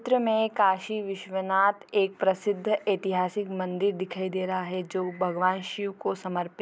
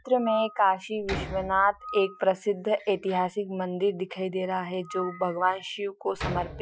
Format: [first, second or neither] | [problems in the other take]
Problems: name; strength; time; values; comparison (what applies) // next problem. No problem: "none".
first | noise reduction (classical method Wiener filter)